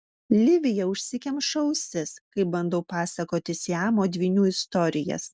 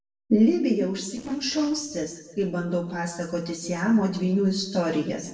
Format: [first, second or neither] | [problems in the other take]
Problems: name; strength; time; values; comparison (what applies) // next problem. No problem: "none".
first | noise reduction (neural separator model SepFormer DNS4)